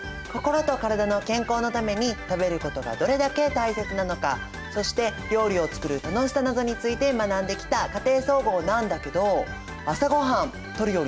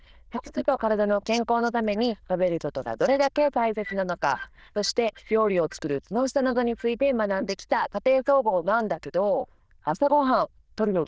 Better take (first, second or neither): first